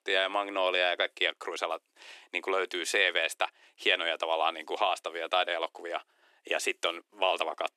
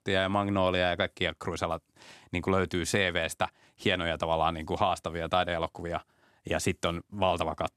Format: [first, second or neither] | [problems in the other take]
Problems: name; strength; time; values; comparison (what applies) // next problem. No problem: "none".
second | thin; very; fading below 350 Hz